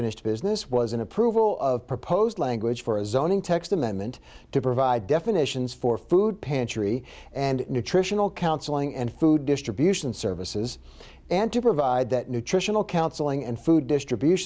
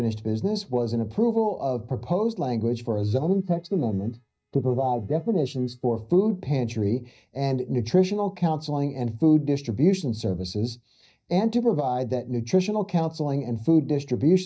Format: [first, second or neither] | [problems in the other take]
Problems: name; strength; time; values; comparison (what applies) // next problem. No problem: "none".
first | noise reduction (neural mask model DeepFilterNet 3)